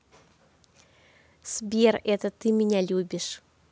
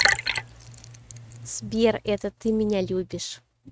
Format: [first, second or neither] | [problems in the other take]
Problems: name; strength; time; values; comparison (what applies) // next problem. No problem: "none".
first | noise reduction (neural mask model RNNoise)